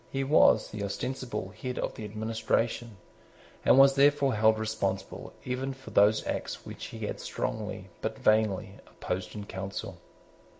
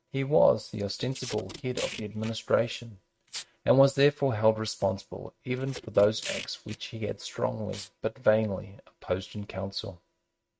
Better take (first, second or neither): first